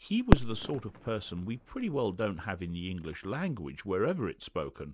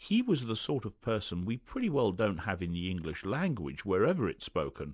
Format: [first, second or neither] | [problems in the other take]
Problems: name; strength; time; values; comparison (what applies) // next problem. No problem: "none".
second | background sound (Fireworks); 3 dB above the speech